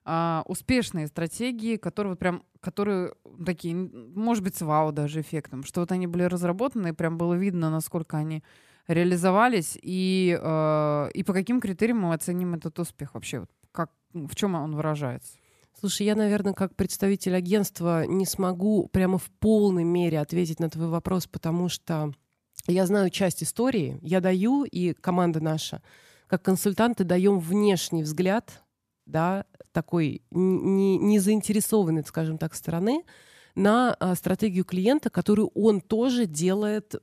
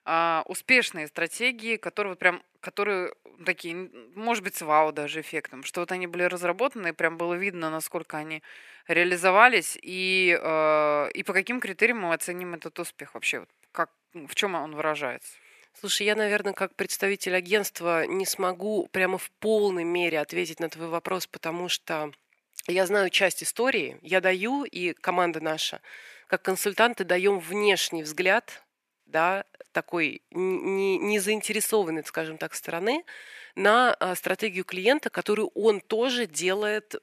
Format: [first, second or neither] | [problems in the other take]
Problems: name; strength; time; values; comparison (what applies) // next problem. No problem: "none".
first | thin; very; fading below 450 Hz